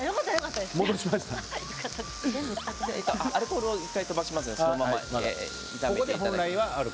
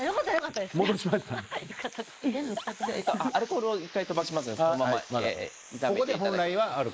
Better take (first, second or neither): first